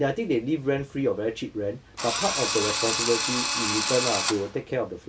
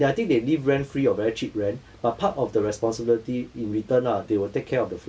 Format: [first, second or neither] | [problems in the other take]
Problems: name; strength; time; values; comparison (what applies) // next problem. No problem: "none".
second | background sound (Drill); as loud as the speech